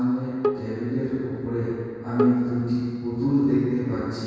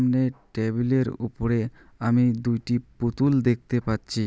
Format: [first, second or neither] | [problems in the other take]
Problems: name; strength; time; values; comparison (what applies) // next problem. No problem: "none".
second | background sound (Bowed string instrument); 8 dB below the speech // room echo; dies away in 2.2 s